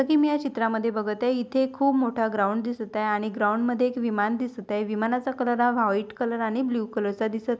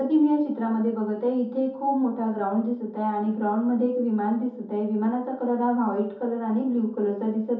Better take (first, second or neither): first